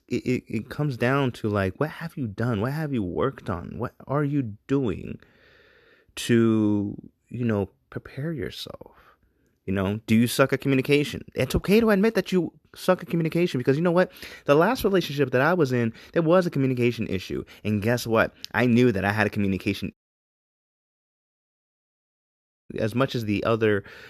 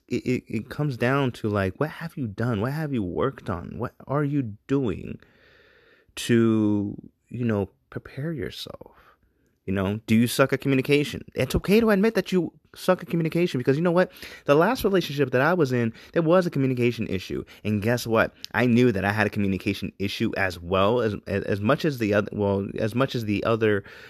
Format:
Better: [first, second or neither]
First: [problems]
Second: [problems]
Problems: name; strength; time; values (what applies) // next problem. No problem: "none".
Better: second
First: audio cutting out; at 20 s for 3 s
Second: none